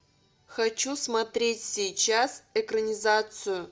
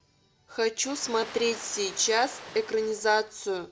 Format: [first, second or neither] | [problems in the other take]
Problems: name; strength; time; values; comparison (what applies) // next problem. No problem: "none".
first | background sound (Ocean); 15 dB below the speech